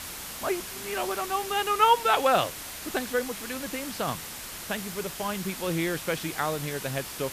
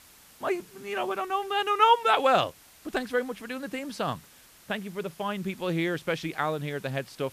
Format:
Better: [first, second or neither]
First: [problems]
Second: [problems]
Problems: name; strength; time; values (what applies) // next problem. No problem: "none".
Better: second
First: hiss; loud; throughout; 8 dB below the speech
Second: hiss; faint; throughout; 25 dB below the speech